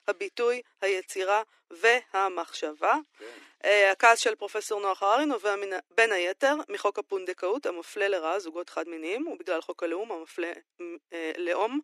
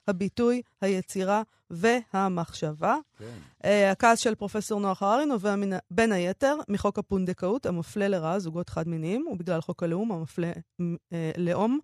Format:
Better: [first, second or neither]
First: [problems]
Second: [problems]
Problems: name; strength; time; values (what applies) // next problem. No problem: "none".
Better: second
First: thin; very; fading below 300 Hz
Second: none